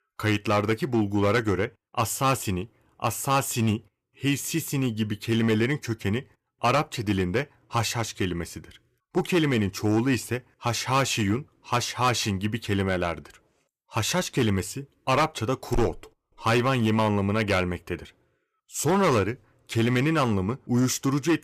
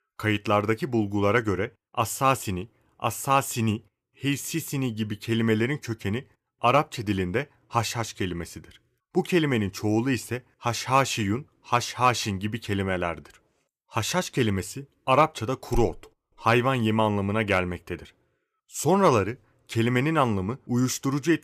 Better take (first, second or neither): second